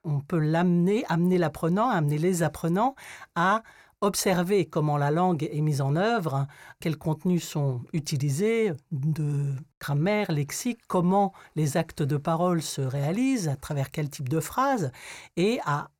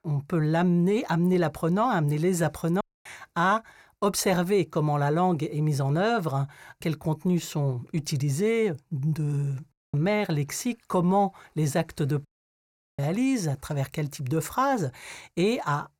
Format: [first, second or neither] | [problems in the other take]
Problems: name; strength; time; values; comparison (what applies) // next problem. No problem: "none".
first | audio cutting out; at 3 s, at 9.5 s and at 12 s for 0.5 s